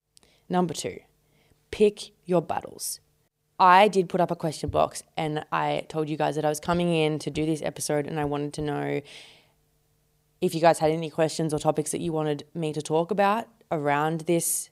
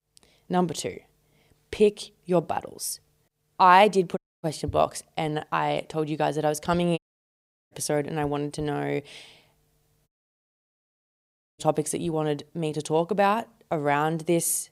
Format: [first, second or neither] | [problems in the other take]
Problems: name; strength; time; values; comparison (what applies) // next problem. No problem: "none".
first | audio cutting out; at 4 s, at 7 s for 0.5 s and at 10 s for 1.5 s